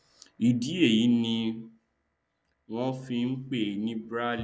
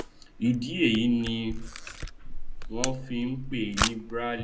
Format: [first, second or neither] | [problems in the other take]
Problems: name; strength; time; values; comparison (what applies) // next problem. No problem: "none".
first | background sound (Camera); 4 dB below the speech // room echo; dies away in 0.2 s